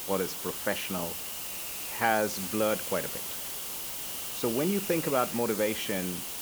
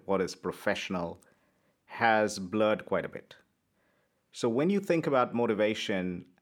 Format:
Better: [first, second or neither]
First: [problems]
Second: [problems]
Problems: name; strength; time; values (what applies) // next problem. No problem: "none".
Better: second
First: hiss; loud; throughout; 2 dB below the speech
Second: none